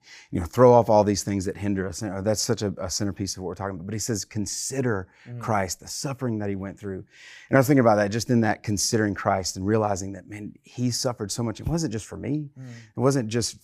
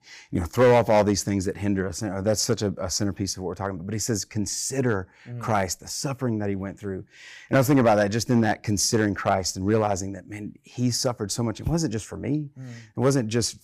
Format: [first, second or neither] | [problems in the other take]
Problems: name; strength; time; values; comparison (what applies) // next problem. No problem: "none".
first | distortion; slight; 1.7% of the sound clipped